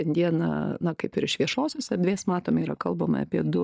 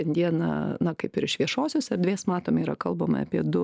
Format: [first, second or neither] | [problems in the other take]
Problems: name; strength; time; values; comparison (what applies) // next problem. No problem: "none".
second | noise reduction (neural mask model DeepFilterNet 3)